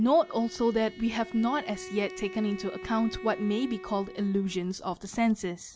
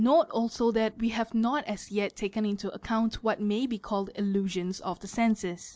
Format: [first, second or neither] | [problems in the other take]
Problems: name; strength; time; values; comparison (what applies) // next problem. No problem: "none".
second | background sound (Bowed string instrument); 15 dB below the speech